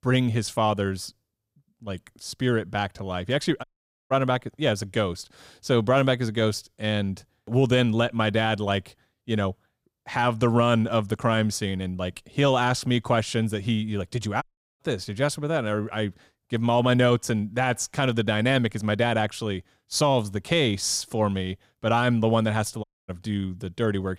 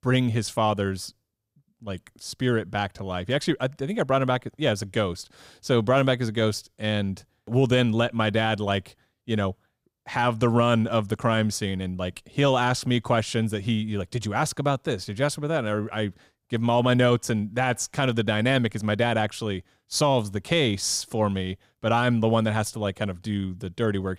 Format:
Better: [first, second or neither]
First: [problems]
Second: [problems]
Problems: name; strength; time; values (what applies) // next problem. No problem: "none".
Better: second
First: audio cutting out; at 3.5 s, at 14 s and at 23 s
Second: none